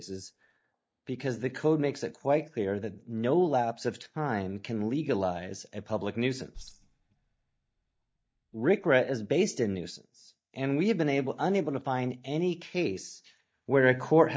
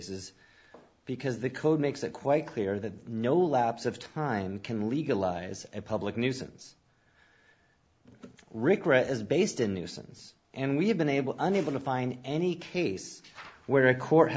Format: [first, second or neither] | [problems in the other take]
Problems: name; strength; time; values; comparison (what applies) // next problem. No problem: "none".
second | noise reduction (neural mask model DeepFilterNet 3)